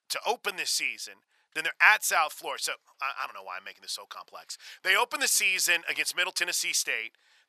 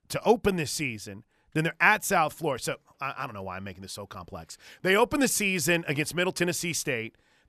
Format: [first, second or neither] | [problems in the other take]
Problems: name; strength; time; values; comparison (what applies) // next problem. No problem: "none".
second | thin; very; fading below 950 Hz